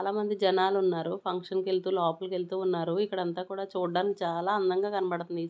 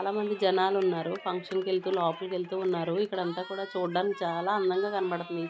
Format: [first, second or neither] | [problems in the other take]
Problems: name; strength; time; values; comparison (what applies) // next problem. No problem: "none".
first | background sound (Cheering); 17 dB below the speech